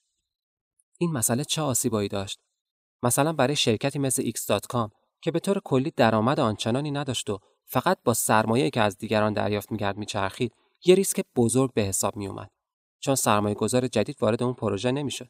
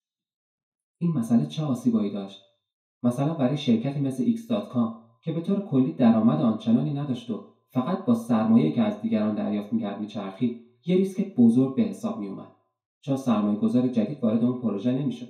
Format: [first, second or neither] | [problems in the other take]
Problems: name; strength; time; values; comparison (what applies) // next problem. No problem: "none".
first | room echo; slight; dies away in 0.4 s // off-mic speech; far